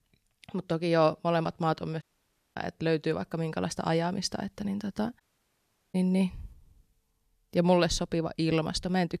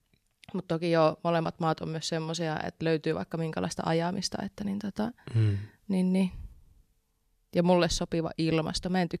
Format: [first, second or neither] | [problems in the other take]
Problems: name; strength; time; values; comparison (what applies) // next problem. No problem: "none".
second | audio cutting out; at 2 s for 0.5 s and at 5 s for 0.5 s